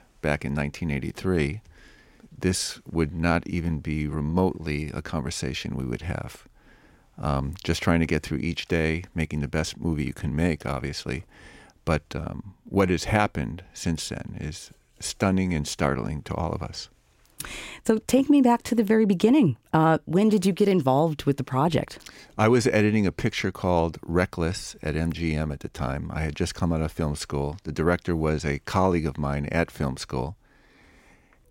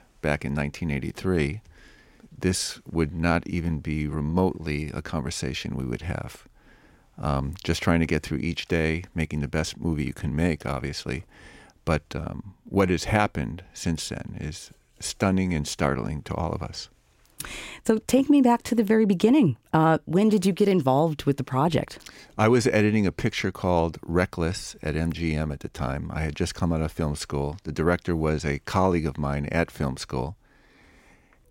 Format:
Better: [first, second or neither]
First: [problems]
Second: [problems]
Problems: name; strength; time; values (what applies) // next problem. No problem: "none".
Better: neither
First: none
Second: none